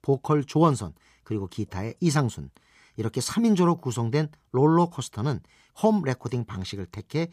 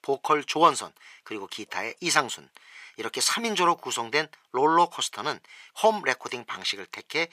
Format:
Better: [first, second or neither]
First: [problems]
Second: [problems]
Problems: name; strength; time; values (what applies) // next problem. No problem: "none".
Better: first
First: none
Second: thin; very; fading below 650 Hz